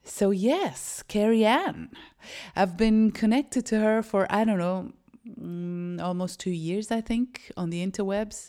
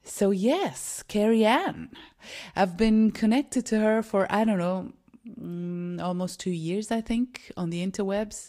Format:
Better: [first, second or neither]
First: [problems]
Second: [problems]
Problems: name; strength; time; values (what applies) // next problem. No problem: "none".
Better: first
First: none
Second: garbled, watery; slightly; nothing above 14.5 kHz